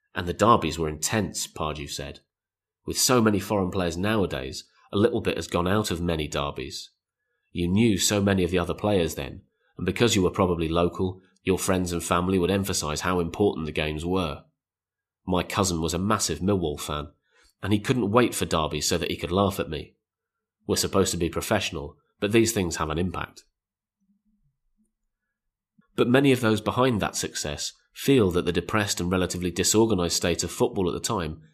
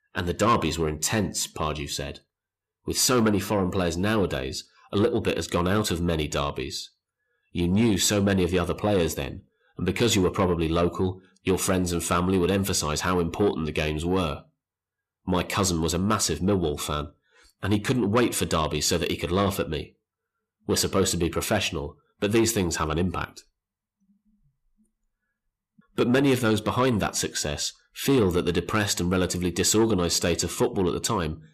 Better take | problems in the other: first | distortion; slight; 10 dB below the speech

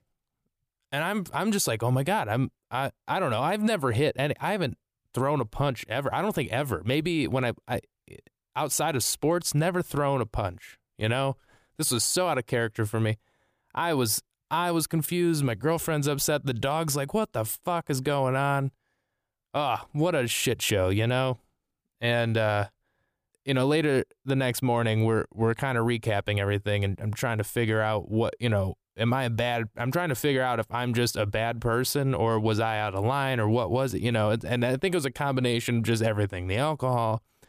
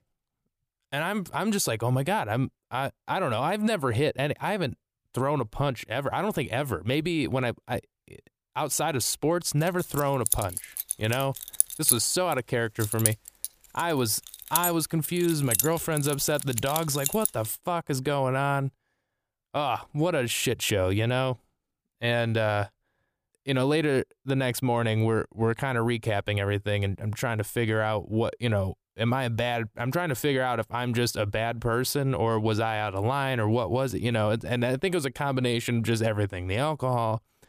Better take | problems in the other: first | jangling keys; loud; from 10 to 17 s; peak 6 dB above the speech

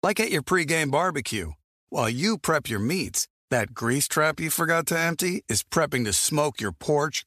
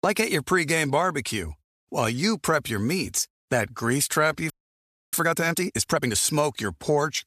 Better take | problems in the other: first | audio freezing; at 4.5 s for 0.5 s

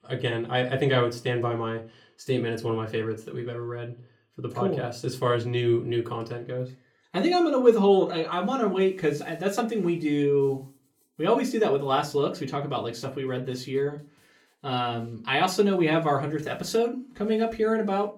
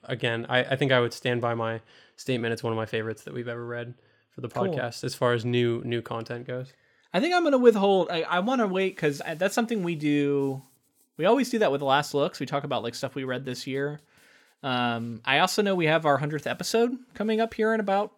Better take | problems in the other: second | off-mic speech; far // room echo; very slight; dies away in 0.2 s

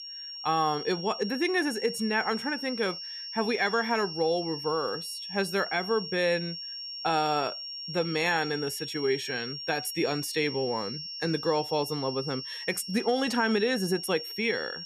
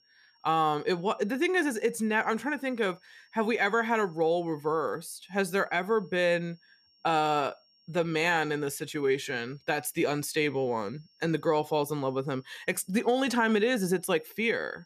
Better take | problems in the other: second | high-pitched whine; loud; throughout; 5.5 kHz, 7 dB below the speech; faint in the second

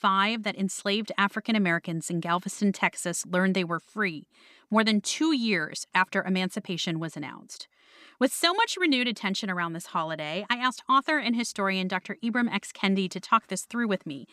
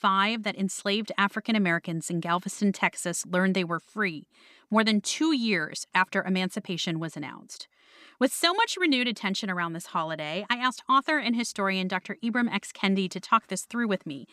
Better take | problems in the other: neither | none

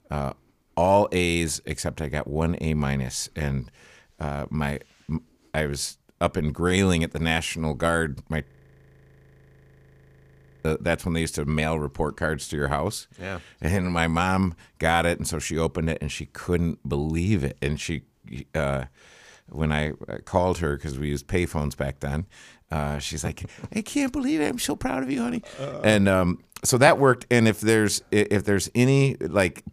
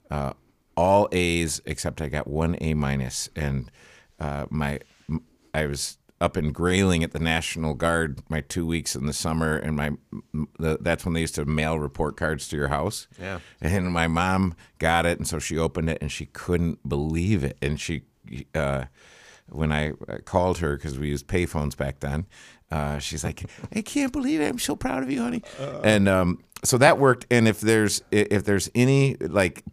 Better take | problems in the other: second | audio freezing; at 8.5 s for 2 s

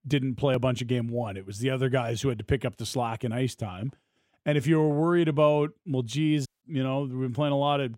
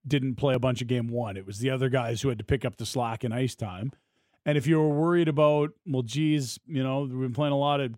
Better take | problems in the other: second | audio cutting out; at 6.5 s

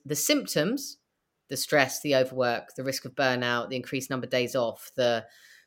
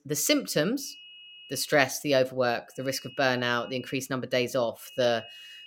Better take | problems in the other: first | high-pitched whine; noticeable; at 1 s, from 3 to 4 s and at 5 s; 3 kHz, 20 dB below the speech

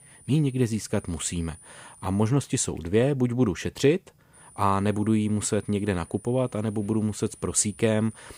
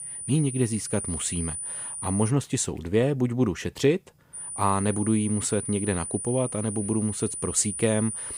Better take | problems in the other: first | high-pitched whine; loud; until 2.5 s and from 4.5 s on; 9.5 kHz, 6 dB below the speech; faint in the first

